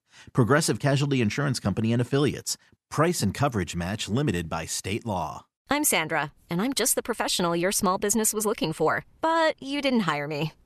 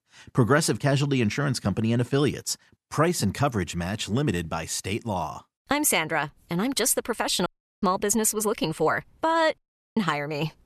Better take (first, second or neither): first